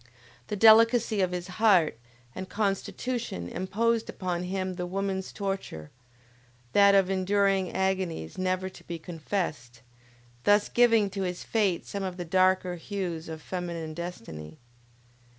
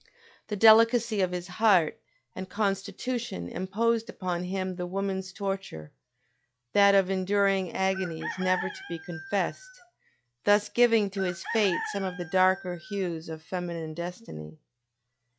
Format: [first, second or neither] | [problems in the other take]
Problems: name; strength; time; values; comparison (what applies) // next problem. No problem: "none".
first | noise reduction (classical method log-MMSE)